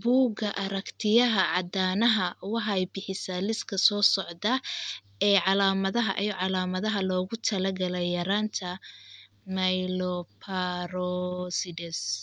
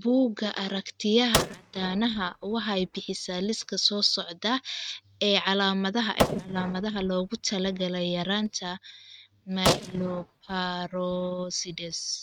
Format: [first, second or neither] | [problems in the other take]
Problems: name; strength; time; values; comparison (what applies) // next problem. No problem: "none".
first | noise reduction (neural mask model RNNoise)